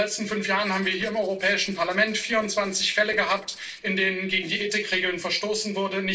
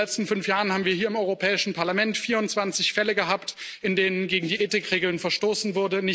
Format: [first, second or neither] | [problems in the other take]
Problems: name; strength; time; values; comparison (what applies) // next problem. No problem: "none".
second | noise reduction (neural separator model SepFormer DNS4)